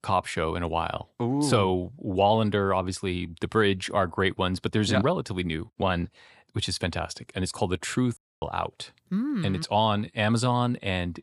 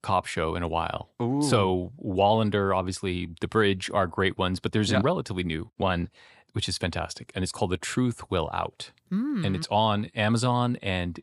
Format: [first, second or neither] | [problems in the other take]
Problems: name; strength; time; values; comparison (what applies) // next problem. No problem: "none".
second | audio cutting out; at 8 s